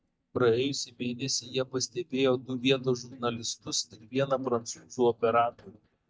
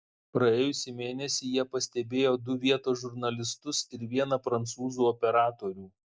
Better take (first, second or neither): second